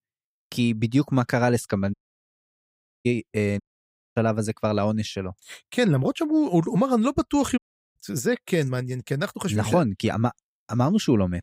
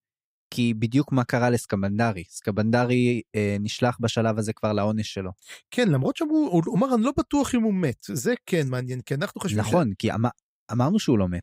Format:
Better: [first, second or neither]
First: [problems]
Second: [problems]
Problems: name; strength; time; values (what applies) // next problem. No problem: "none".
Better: second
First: audio cutting out; at 2 s for 1 s, at 3.5 s for 0.5 s and at 7.5 s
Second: none